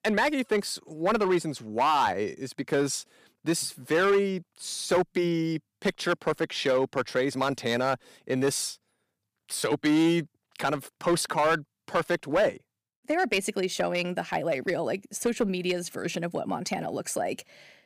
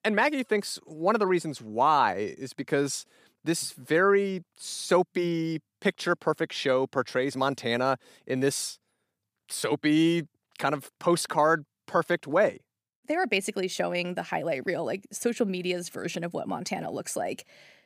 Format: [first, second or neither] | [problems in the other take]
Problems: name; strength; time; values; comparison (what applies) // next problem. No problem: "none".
second | distortion; slight; 4% of the sound clipped